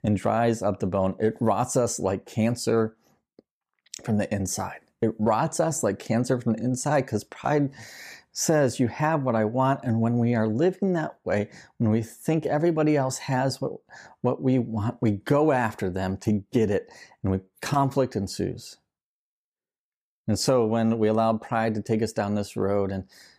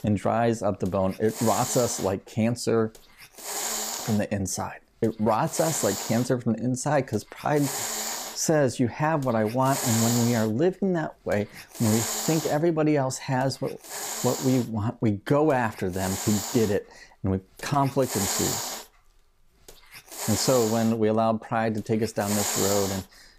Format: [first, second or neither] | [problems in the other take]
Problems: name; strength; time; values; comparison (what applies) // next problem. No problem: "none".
first | hiss; loud; throughout; 4 dB below the speech